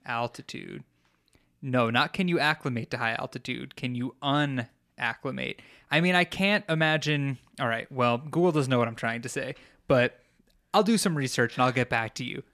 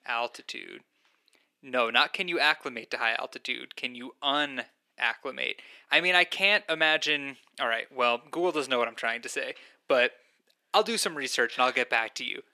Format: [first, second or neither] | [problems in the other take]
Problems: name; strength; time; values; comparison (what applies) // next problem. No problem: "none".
first | thin; somewhat; fading below 350 Hz